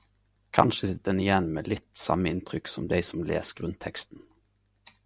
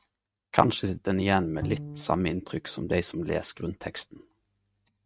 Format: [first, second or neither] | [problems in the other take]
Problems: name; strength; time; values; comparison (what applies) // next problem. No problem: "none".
first | noise reduction (neural mask model RNNoise)